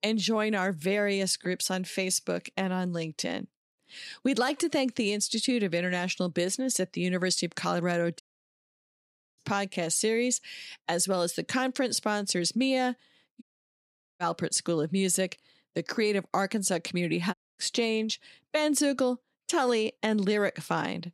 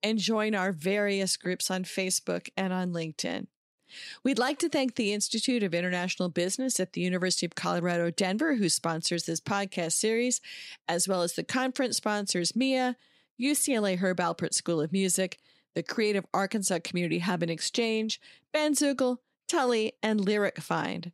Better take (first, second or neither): second